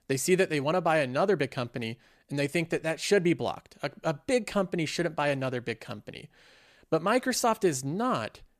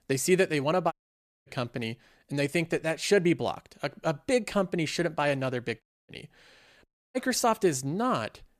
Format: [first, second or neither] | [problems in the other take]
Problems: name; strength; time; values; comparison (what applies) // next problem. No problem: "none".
first | audio cutting out; at 1 s for 0.5 s, at 6 s and at 7 s